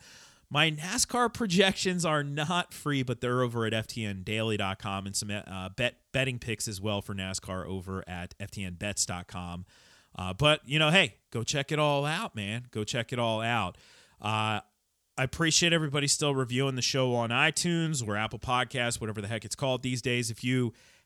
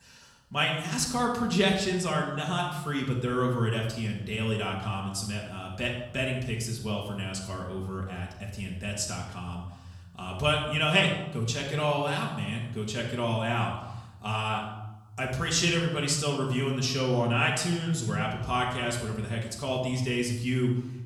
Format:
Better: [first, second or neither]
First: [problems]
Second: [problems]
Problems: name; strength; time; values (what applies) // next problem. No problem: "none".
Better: first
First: none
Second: room echo; noticeable; dies away in 1.1 s // off-mic speech; far